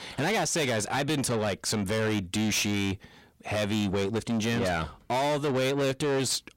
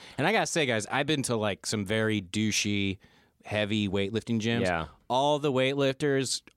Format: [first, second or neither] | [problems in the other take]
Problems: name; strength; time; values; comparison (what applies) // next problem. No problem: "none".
second | distortion; heavy; 7 dB below the speech